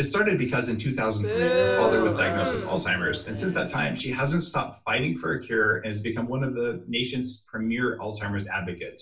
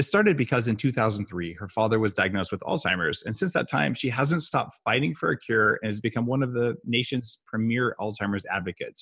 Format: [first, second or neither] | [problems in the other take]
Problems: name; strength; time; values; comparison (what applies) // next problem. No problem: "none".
second | background sound (Crowd); as loud as the speech // room echo; dies away in 0.3 s